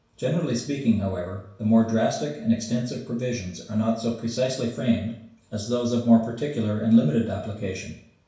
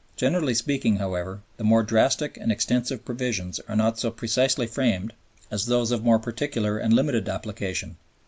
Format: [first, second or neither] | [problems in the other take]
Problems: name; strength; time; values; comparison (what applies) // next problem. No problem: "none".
second | room echo; dies away in 0.6 s